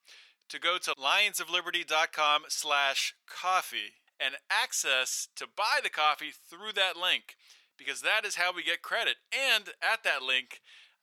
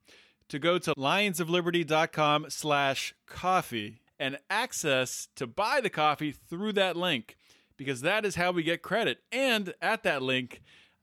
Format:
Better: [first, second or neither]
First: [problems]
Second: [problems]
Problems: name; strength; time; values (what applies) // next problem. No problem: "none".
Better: second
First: thin; very; fading below 900 Hz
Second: none